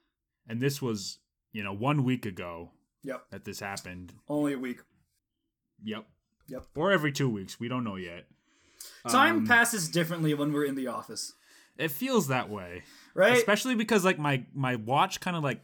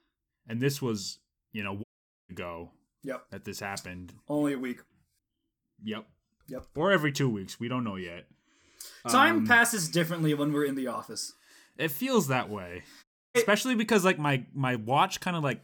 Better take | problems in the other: first | audio cutting out; at 2 s and at 13 s

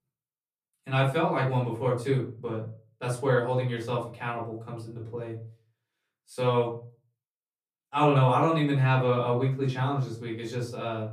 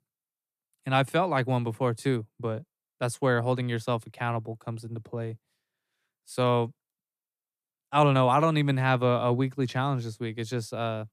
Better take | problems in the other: second | off-mic speech; far // room echo; slight; dies away in 0.3 s

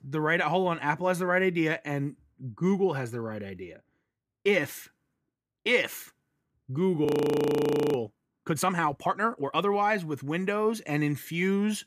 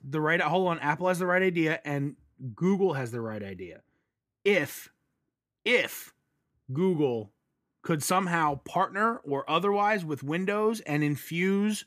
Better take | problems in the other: second | audio freezing; at 7 s for 1 s

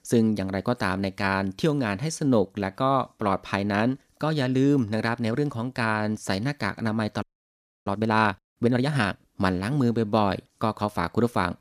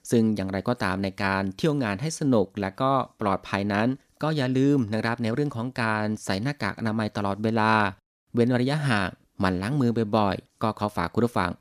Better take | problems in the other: second | audio freezing; at 7 s for 0.5 s

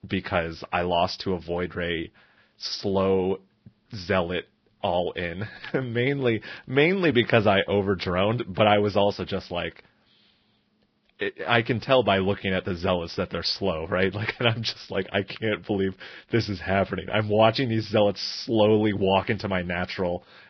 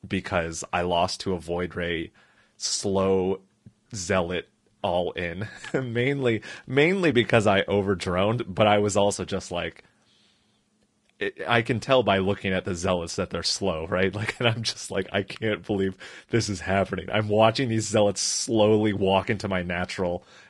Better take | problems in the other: second | garbled, watery; badly; nothing above 5.5 kHz; slightly in the second

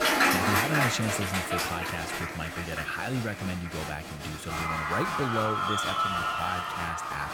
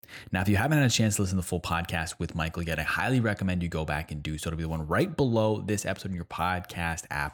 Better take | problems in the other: second | crowd noise; very loud; throughout; 4 dB above the speech

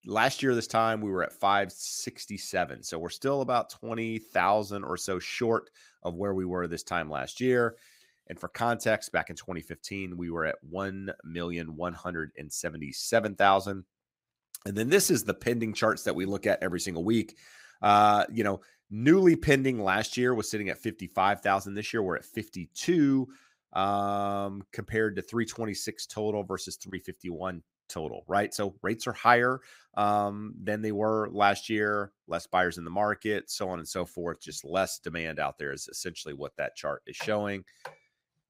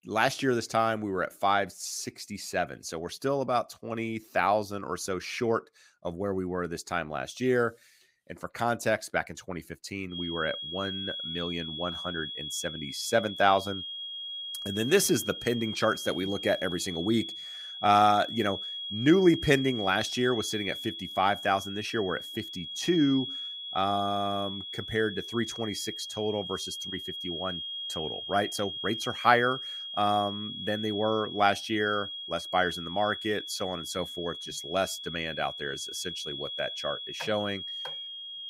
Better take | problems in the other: first | high-pitched whine; loud; from 10 s on; 3.5 kHz, 6 dB below the speech

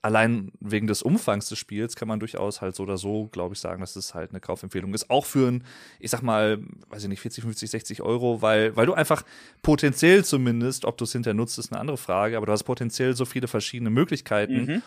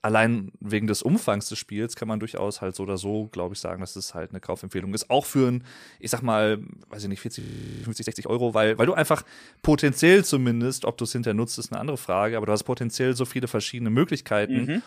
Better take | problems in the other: first | audio freezing; at 7.5 s

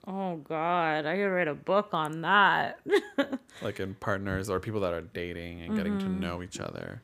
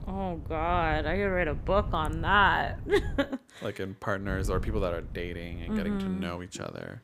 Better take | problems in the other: first | wind noise on the microphone; occasional gusts; until 3 s and from 4.5 to 6 s; 20 dB below the speech

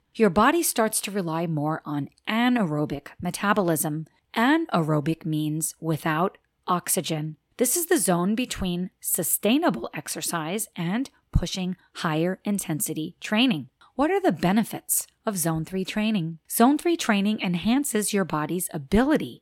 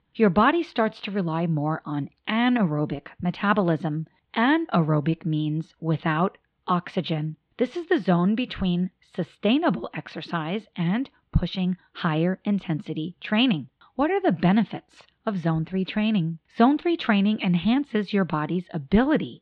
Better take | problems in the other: first | muffled; slightly; fading above 3.5 kHz

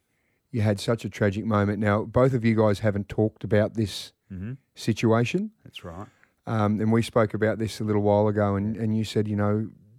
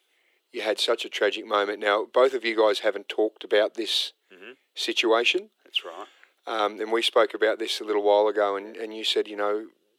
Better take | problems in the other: first | thin; very; fading below 350 Hz

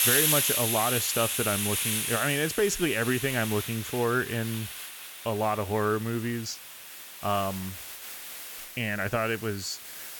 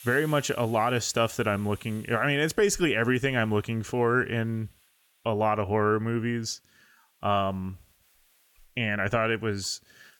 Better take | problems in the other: second | hiss; loud; throughout; as loud as the speech; faint in the second

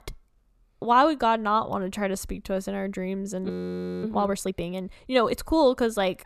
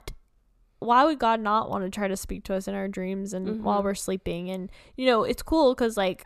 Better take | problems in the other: second | audio freezing; at 3.5 s for 0.5 s

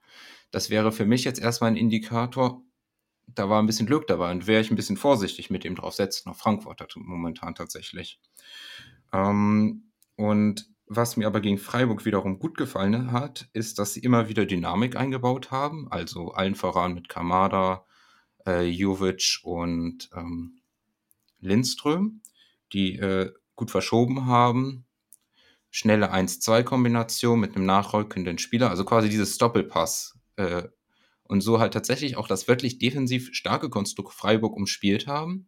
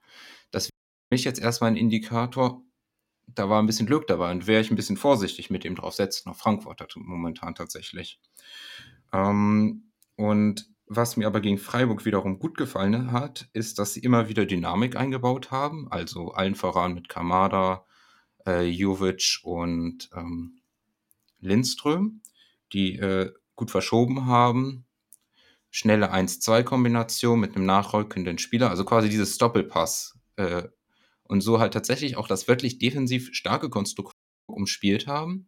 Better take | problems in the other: first | audio cutting out; at 0.5 s and at 34 s

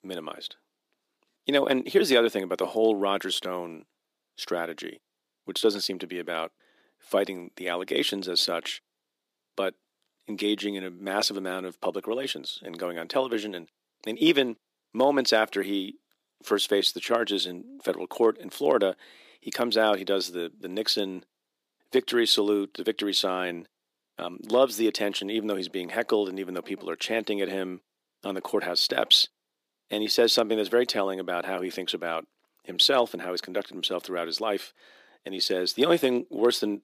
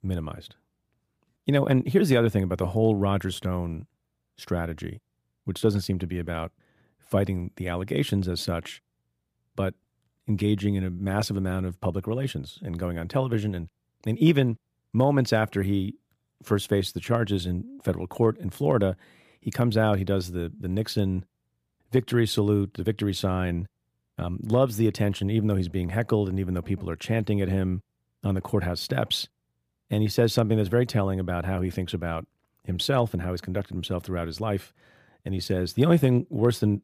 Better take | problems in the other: second | thin; somewhat; fading below 300 Hz

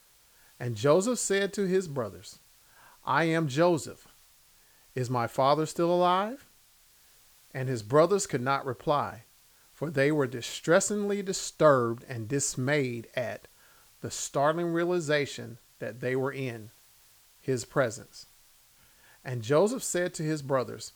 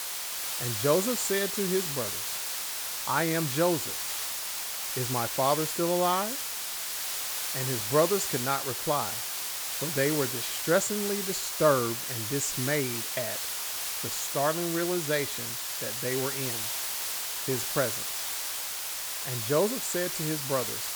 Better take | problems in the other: first | hiss; loud; throughout; 1 dB below the speech; faint in the first

